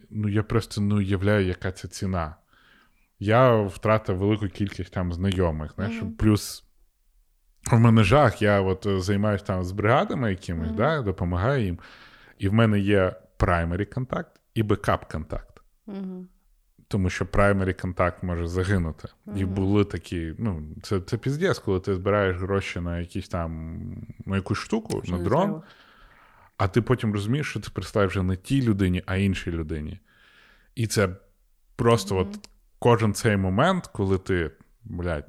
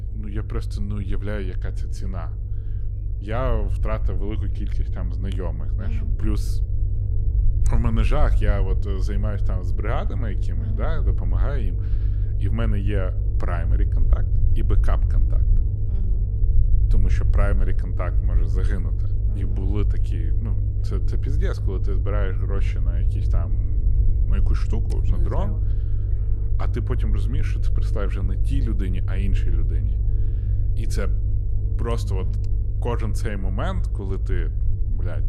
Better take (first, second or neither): first